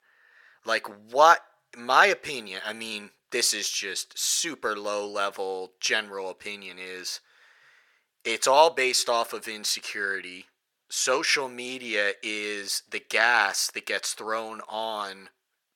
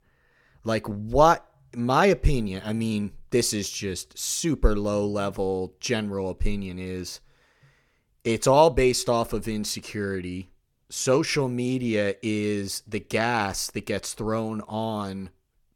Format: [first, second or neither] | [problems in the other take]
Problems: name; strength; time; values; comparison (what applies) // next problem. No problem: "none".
second | thin; very; fading below 650 Hz